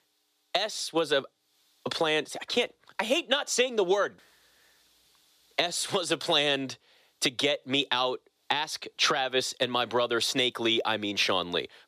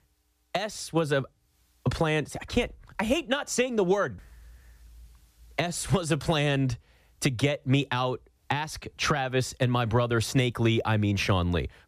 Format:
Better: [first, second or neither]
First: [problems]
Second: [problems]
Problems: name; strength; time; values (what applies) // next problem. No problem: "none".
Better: second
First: thin; somewhat; fading below 400 Hz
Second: none